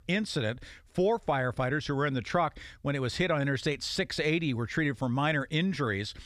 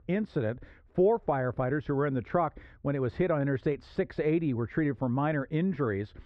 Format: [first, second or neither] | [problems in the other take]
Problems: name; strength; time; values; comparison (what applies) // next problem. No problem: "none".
first | muffled; very; fading above 3.5 kHz